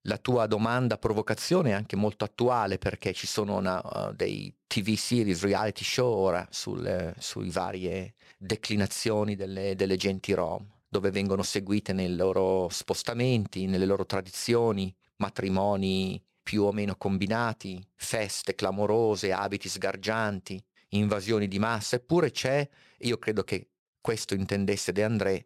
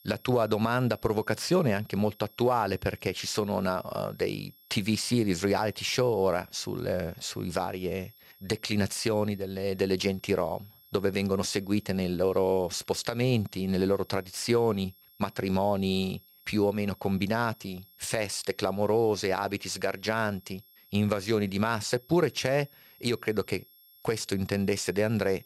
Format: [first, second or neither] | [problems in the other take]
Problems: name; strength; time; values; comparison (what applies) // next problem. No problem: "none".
first | high-pitched whine; faint; throughout; 11.5 kHz, 25 dB below the speech